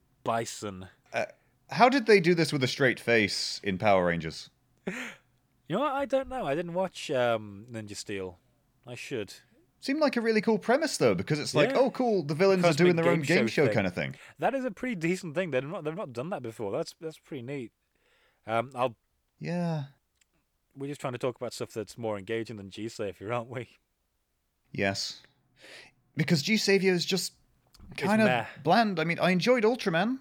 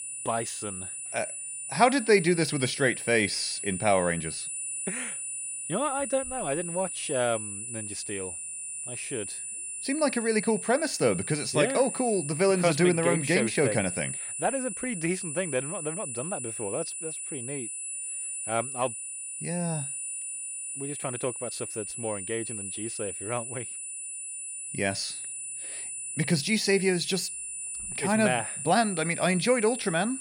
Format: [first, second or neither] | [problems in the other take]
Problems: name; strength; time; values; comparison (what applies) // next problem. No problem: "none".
first | high-pitched whine; loud; throughout; 9.5 kHz, 5 dB below the speech